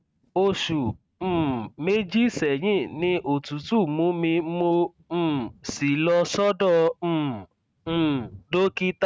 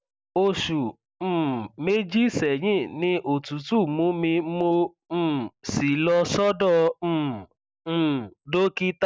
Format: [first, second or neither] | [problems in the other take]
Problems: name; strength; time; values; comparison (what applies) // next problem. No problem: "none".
second | noise reduction (neural mask model RNNoise)